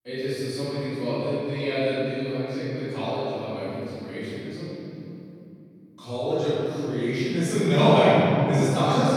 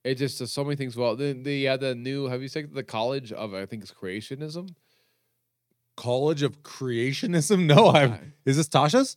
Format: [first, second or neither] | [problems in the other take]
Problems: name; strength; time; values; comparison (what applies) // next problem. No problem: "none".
second | off-mic speech; far // room echo; strong; dies away in 3 s